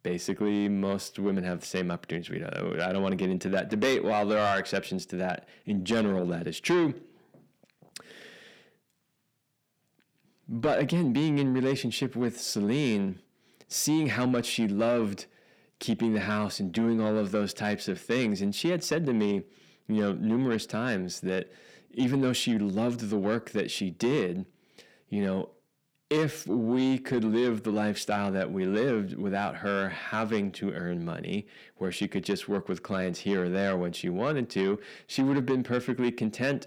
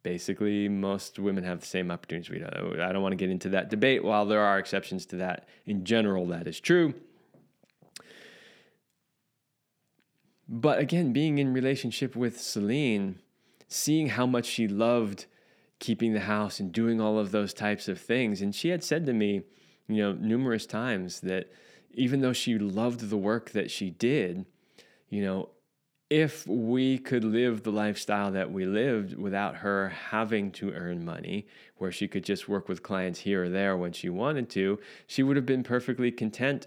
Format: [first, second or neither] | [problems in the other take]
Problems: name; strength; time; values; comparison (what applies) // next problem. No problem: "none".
second | distortion; slight; 10 dB below the speech